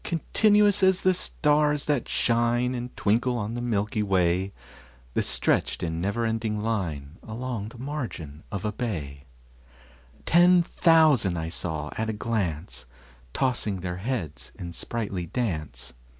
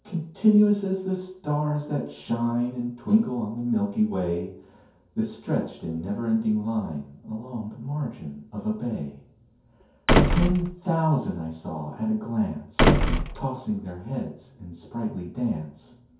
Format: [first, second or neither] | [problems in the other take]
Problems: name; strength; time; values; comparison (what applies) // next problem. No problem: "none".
first | background sound (Slam); 3 dB above the speech // room echo; dies away in 0.6 s